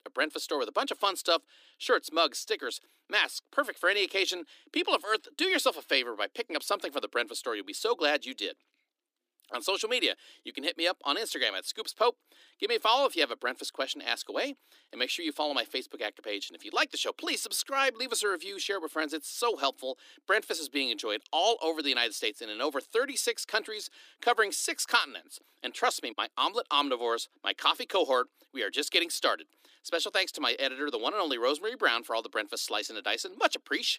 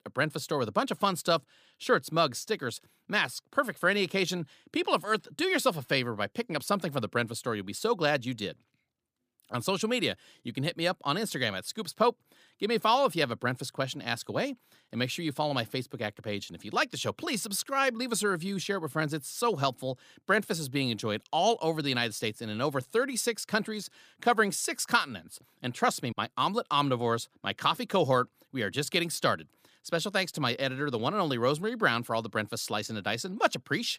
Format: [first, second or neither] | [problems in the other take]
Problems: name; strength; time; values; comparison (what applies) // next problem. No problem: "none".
second | thin; somewhat; fading below 300 Hz